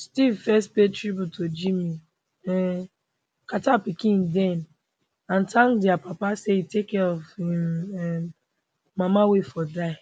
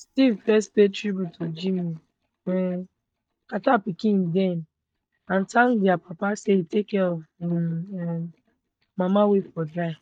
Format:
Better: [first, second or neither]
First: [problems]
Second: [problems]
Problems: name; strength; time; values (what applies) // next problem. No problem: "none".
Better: first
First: none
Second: noise reduction (neural mask model DeepFilterNet 3)